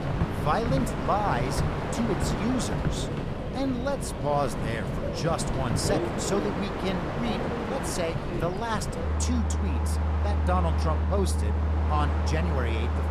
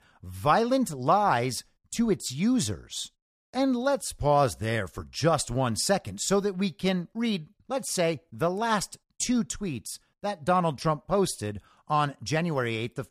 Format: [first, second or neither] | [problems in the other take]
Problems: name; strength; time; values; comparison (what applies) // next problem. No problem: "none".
second | train or aircraft noise; very loud; throughout; 2 dB above the speech